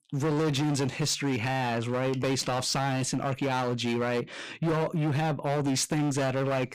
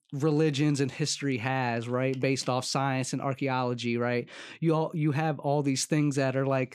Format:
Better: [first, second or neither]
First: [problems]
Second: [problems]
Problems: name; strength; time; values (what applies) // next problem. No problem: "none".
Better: second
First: distortion; heavy; 22% of the sound clipped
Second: none